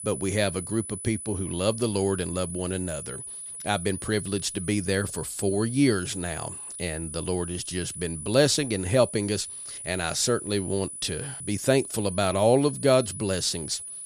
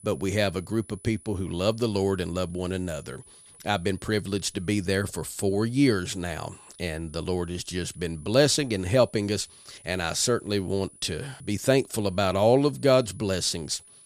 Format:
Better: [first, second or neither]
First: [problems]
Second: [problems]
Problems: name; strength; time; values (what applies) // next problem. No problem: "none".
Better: second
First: high-pitched whine; loud; throughout; 10 kHz, 9 dB below the speech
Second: high-pitched whine; faint; throughout; 10 kHz, 25 dB below the speech